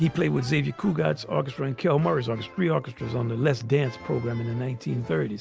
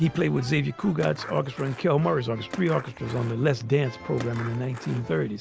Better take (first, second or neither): first